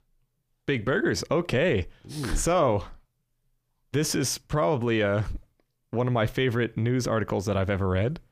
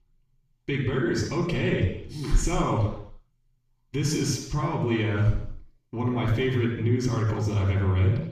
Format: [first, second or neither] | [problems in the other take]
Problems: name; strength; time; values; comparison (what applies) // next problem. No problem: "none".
first | room echo; noticeable; dies away in 0.7 s // off-mic speech; far